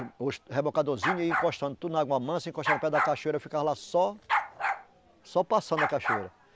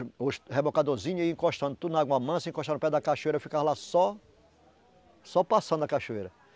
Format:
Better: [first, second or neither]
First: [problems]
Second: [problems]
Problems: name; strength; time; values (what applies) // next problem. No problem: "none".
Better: second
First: background sound (Bark); 4 dB below the speech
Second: none